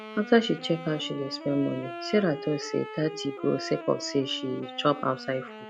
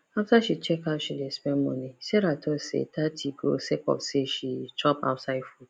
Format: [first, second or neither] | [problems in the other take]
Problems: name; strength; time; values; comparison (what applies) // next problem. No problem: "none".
second | background sound (Wind instrument, woodwind instrument); 11 dB below the speech